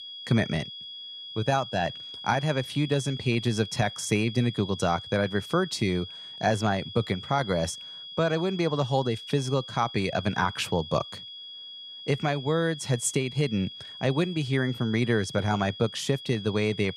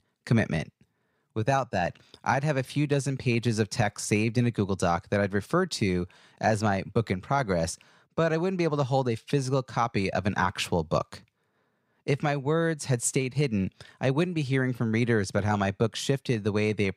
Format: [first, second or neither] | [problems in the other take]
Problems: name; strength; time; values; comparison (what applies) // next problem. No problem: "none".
second | high-pitched whine; noticeable; throughout; 3.5 kHz, 10 dB below the speech